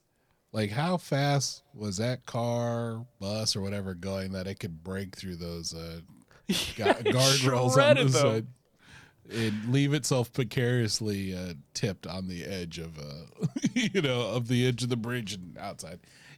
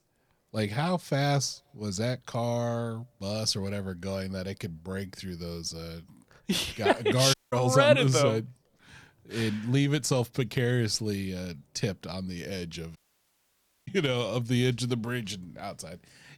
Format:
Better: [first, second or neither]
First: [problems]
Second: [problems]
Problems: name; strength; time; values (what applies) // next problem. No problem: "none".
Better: first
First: none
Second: audio cutting out; at 7.5 s and at 13 s for 1 s